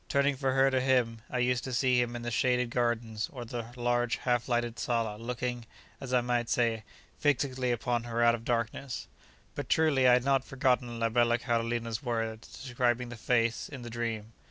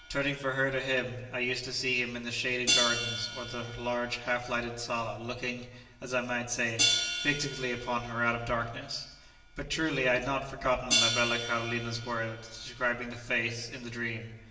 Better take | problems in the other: first | background sound (Hi-hat); 4 dB below the speech // room echo; dies away in 1.1 s

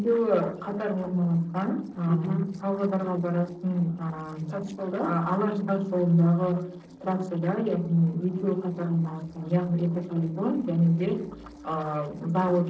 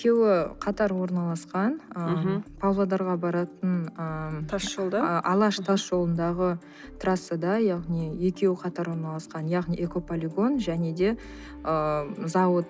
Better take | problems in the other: second | noise reduction (neural separator model SepFormer DNS4)

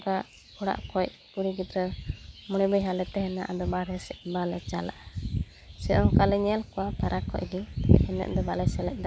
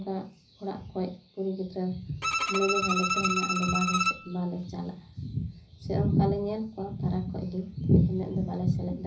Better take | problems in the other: first | background sound (Bowed string instrument); as loud as the speech // room echo; dies away in 0.5 s

